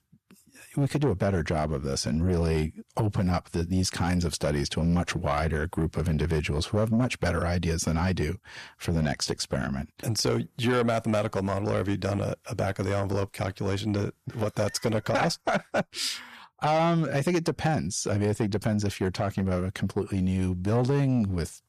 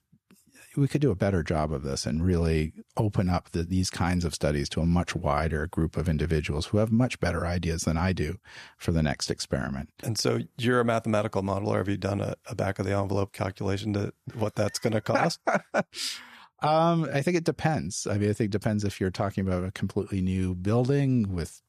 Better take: second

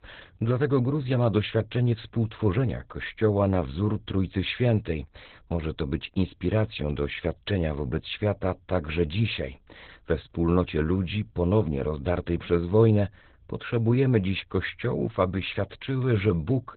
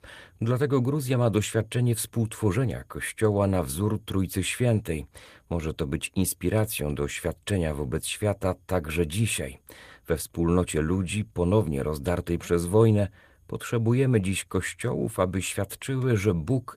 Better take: second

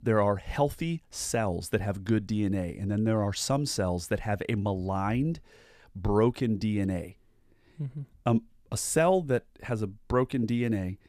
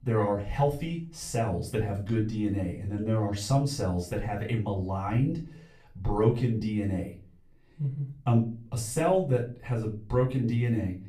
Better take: first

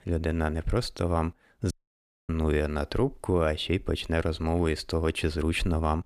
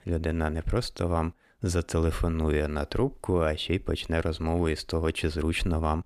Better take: second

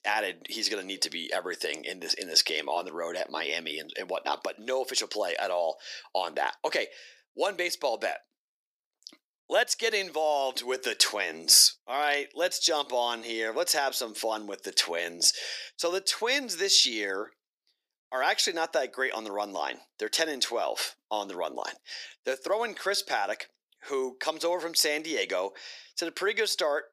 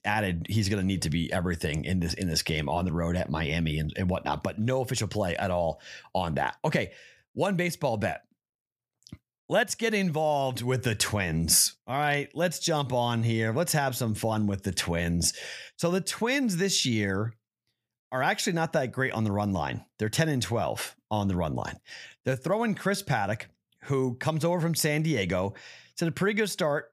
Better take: second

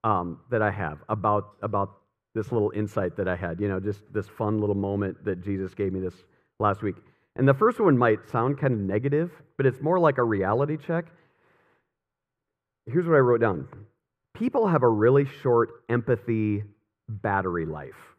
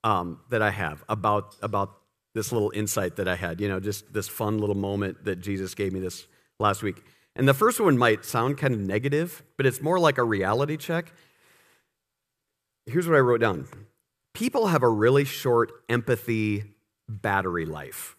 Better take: second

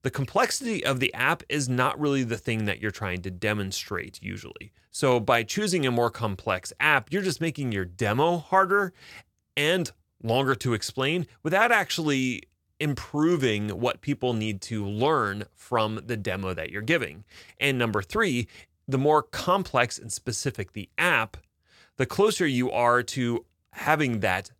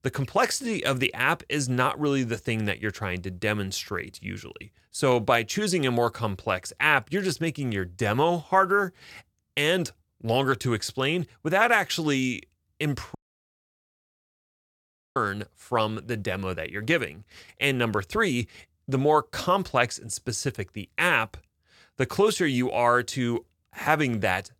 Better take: first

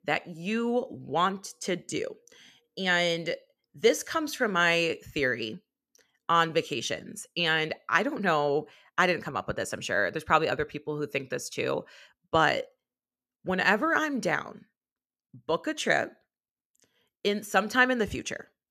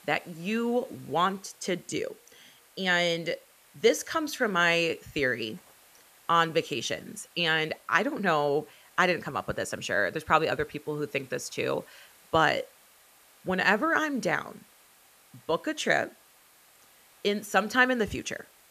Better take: first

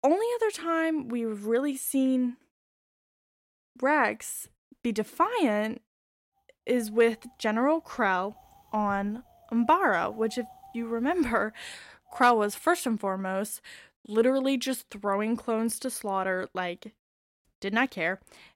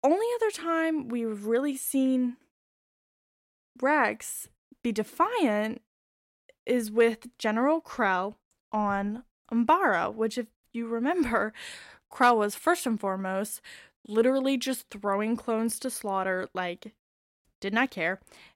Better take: second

